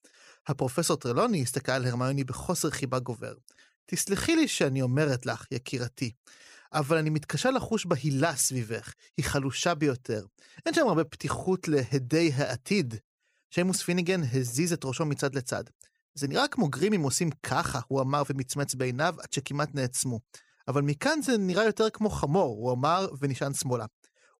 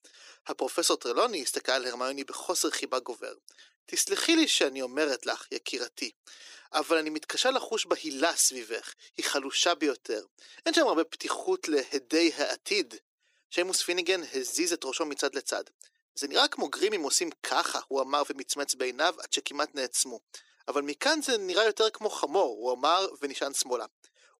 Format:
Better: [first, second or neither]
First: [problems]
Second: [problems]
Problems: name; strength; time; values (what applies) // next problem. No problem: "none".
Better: first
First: none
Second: thin; somewhat; fading below 300 Hz